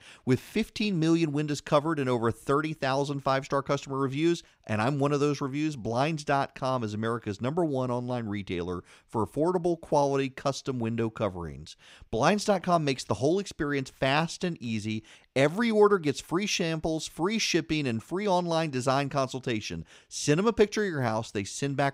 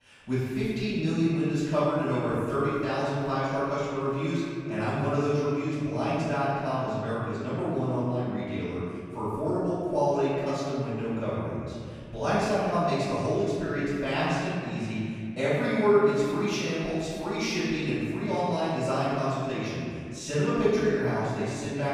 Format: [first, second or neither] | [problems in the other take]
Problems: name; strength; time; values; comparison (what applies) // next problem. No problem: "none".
first | off-mic speech; far // room echo; strong; dies away in 2.3 s